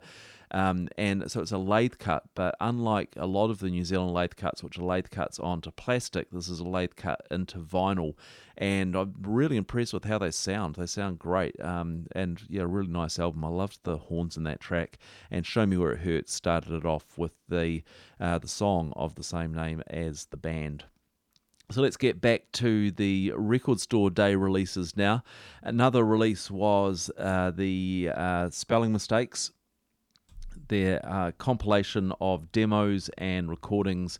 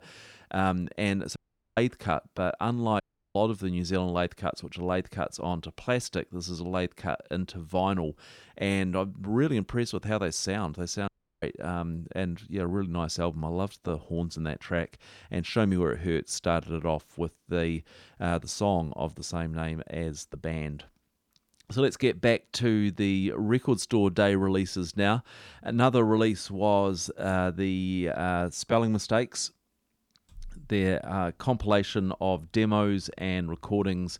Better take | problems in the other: first | audio cutting out; at 1.5 s, at 3 s and at 11 s

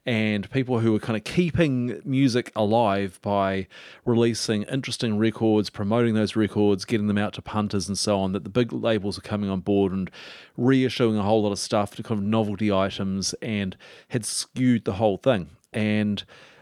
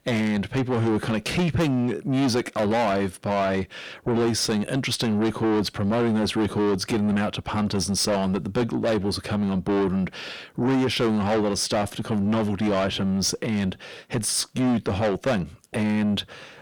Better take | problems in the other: first | distortion; heavy; 6 dB below the speech

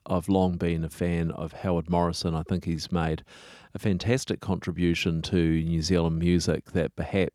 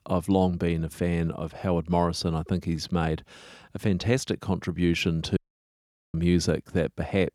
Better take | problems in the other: first | audio cutting out; at 5.5 s for 1 s

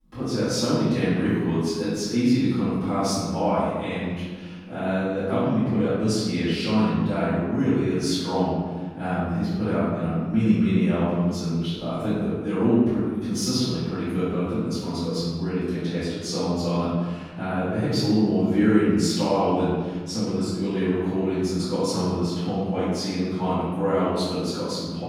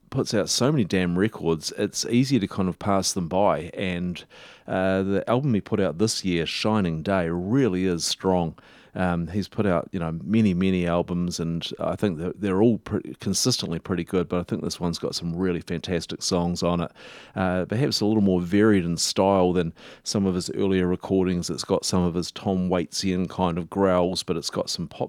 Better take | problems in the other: second | off-mic speech; far // room echo; strong; dies away in 1.4 s

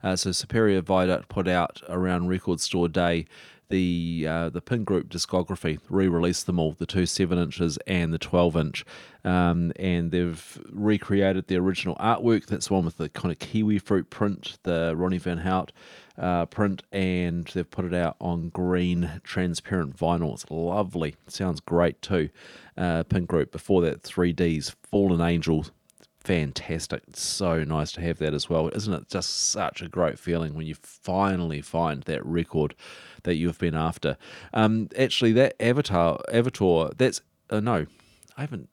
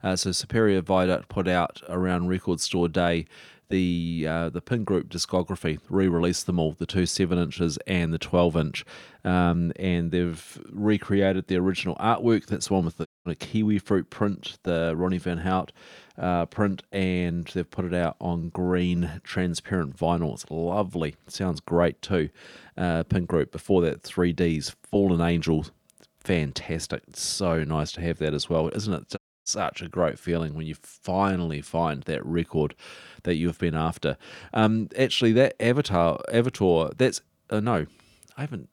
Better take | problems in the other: first | audio cutting out; at 13 s and at 29 s

